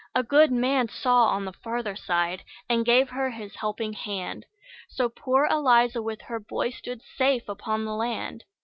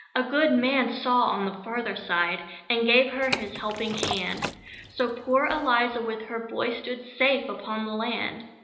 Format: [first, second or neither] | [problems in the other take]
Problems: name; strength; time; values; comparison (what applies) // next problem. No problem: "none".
first | background sound (Liquid); 9 dB below the speech // room echo; dies away in 1 s